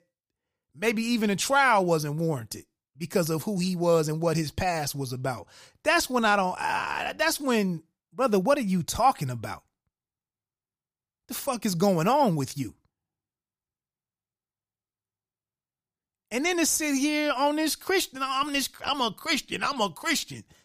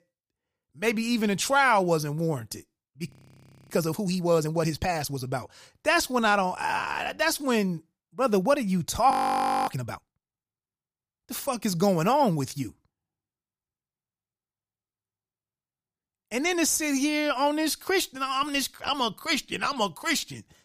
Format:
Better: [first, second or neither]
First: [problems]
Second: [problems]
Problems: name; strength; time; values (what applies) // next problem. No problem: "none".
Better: first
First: none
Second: audio freezing; at 3 s for 0.5 s and at 9 s for 0.5 s